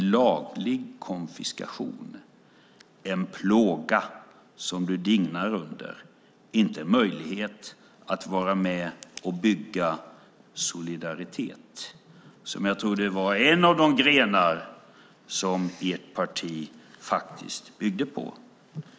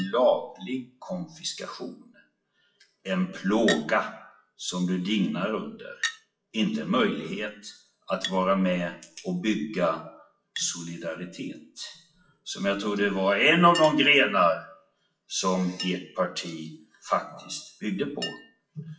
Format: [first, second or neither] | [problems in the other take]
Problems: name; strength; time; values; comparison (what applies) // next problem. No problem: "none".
first | noise reduction (classical method WPE with log-MMSE)